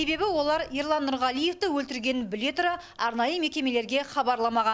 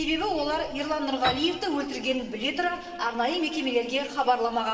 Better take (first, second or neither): first